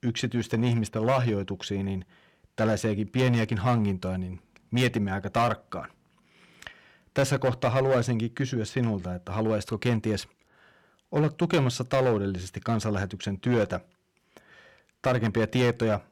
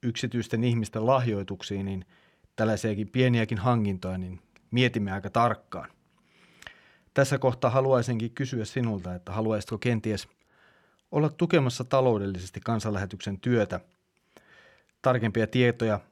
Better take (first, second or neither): second